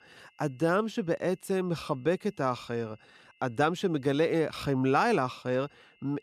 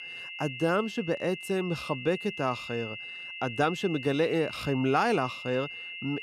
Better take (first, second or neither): first